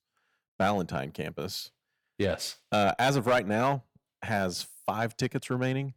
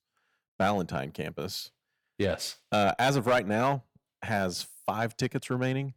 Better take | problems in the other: neither | distortion; slight; 2% of the sound clipped; the same in both

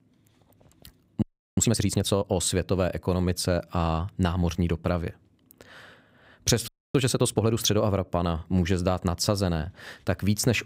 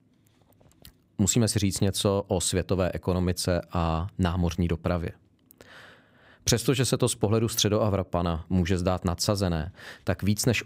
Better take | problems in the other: second | audio freezing; at 1 s and at 6.5 s

